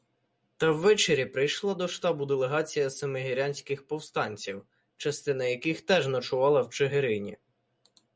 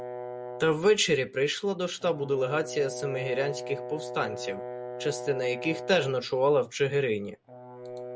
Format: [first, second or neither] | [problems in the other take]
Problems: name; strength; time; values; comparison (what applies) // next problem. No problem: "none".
first | background sound (Brass instrument); 11 dB below the speech